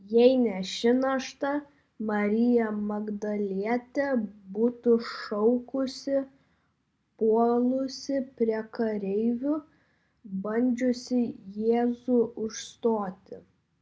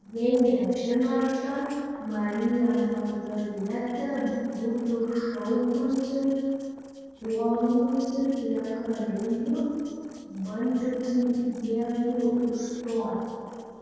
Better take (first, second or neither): first